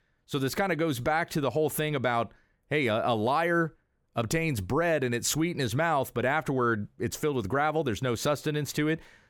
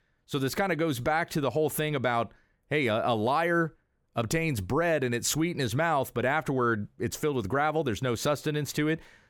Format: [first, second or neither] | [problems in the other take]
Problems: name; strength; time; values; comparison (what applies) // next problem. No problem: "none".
neither | none